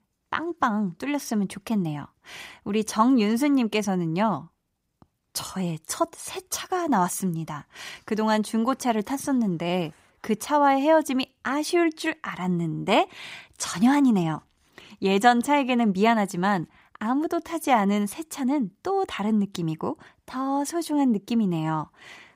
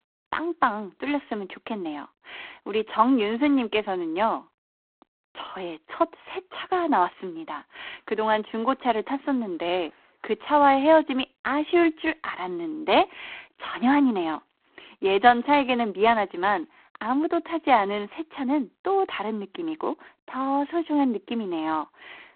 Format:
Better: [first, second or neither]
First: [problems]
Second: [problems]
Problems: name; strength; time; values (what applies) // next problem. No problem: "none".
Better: first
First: none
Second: phone-call audio; poor line